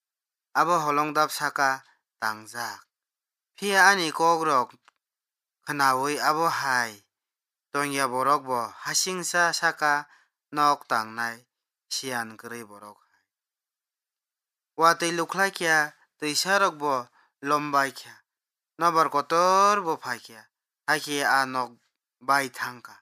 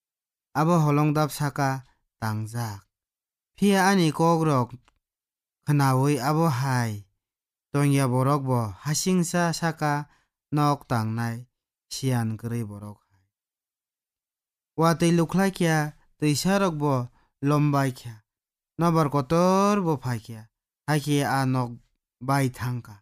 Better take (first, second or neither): second